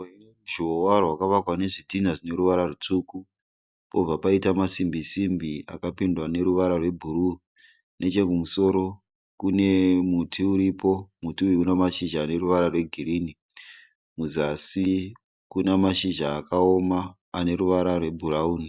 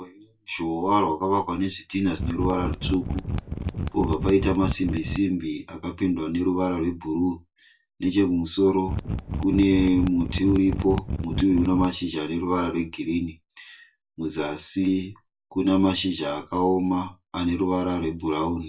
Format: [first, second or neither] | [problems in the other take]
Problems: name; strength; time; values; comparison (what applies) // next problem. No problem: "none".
first | background sound (Mechanisms); 4 dB below the speech // room echo; dies away in 0.2 s